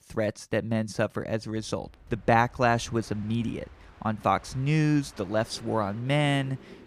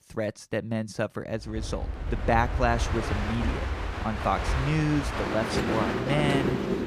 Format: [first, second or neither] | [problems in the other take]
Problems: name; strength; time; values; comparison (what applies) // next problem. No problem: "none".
first | train or aircraft noise; loud; from 1.5 s on; 1 dB below the speech; faint in the first